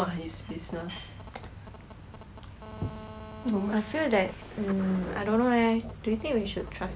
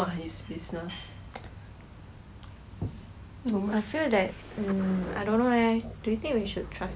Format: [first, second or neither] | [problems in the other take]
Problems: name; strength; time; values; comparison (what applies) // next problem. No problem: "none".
second | background sound (Telephone); 20 dB below the speech